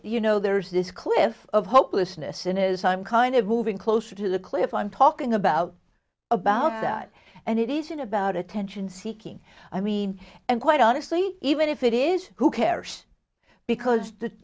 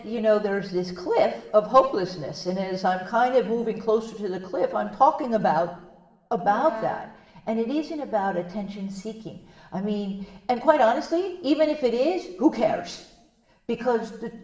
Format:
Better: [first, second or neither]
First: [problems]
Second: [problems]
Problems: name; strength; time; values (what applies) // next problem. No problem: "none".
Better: first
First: none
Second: room echo; dies away in 0.9 s